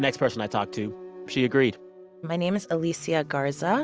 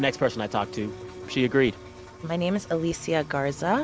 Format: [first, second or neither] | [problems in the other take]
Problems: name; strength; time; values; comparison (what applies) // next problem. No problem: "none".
first | background sound (Engine + Whoosh, swoosh, swish); 19 dB below the speech